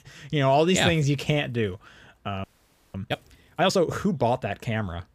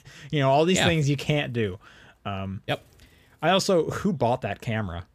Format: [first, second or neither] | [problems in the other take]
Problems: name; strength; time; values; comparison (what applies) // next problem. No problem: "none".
second | audio freezing; at 2.5 s for 0.5 s